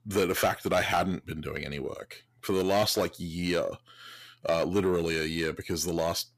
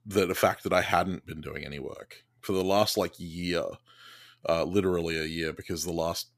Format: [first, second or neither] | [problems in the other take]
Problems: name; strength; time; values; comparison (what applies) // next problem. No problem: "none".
second | distortion; slight; 10 dB below the speech